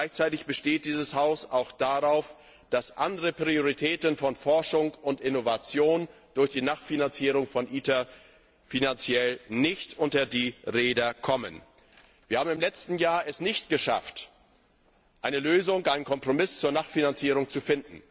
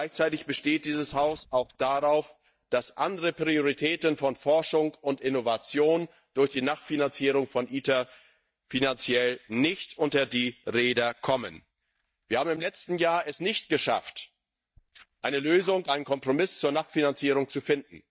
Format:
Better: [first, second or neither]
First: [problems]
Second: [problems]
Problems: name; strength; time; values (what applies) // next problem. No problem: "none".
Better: first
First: none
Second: noise reduction (neural mask model DeepFilterNet 3)